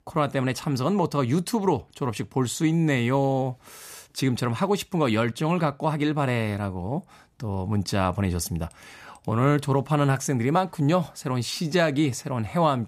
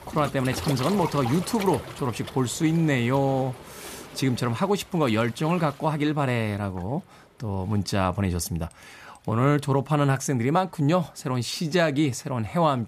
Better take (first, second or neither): first